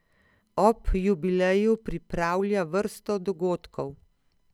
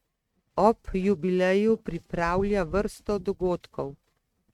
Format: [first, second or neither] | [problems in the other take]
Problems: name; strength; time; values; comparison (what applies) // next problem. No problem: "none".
first | noise reduction (neural mask model RNNoise)